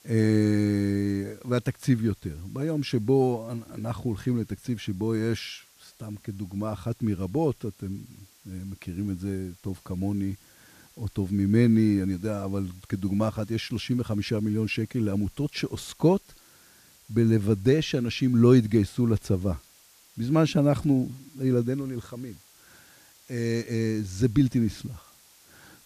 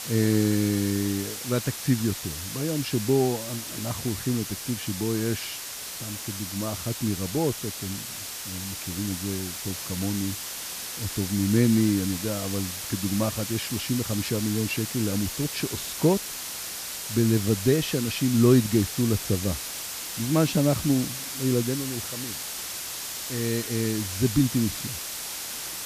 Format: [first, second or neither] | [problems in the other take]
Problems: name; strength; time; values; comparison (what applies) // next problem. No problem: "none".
first | hiss; loud; throughout; 5 dB below the speech; faint in the first